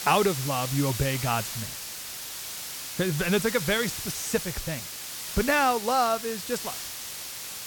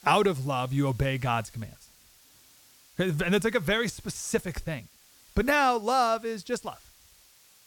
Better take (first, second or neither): second